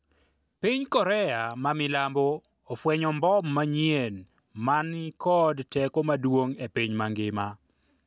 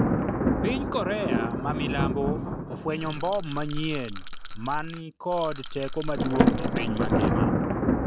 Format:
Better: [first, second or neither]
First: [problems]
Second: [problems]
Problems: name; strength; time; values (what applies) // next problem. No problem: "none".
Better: first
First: none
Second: background sound (Rattle / Rattle (instrument) + Thunder); 4 dB above the speech